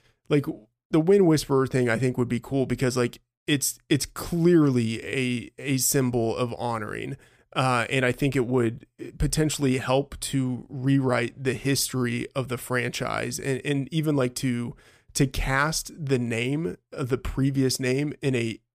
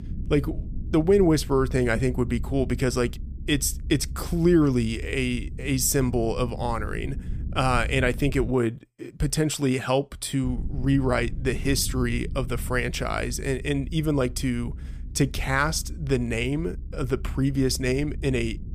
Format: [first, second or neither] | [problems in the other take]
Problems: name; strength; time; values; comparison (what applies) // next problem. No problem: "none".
first | low rumble; faint; until 8.5 s and from 10 s on; 20 dB below the speech